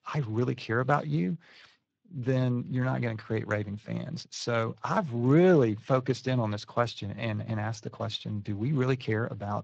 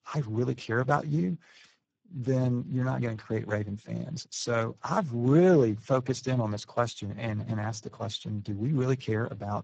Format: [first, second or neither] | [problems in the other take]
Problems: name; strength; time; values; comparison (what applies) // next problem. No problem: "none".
first | garbled, watery; badly; nothing above 7.5 kHz; slightly in the first